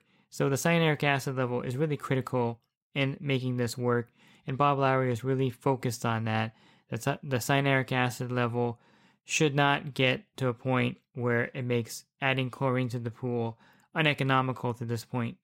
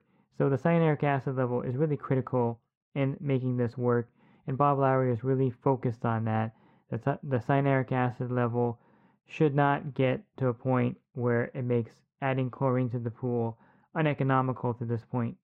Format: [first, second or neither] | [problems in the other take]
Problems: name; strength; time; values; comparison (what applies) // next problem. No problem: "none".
first | muffled; very; fading above 4 kHz